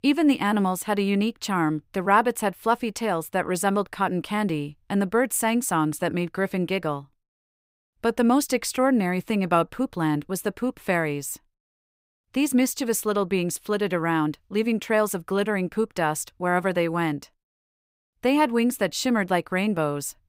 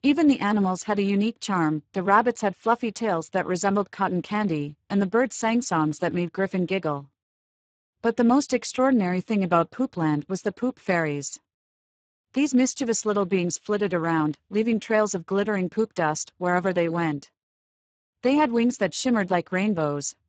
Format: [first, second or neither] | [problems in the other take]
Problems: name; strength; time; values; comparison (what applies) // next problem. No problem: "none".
first | garbled, watery; badly; nothing above 7.5 kHz